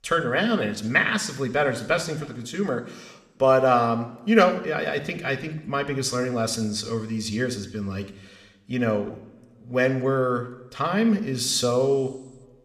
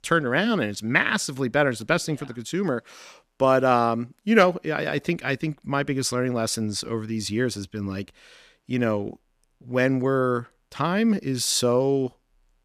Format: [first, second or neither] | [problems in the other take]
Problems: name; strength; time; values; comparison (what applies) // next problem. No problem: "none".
second | room echo; very slight; dies away in 0.8 s